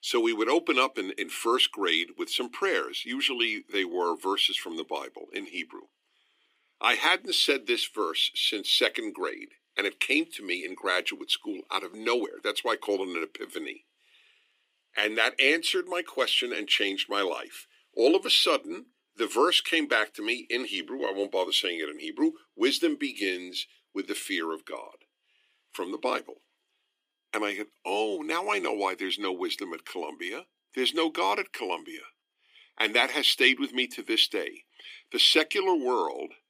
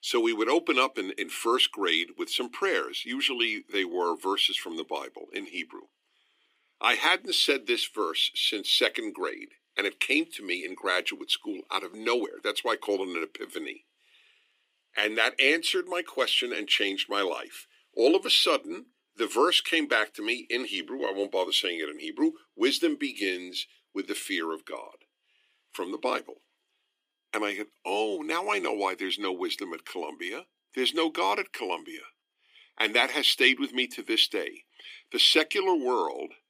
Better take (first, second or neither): neither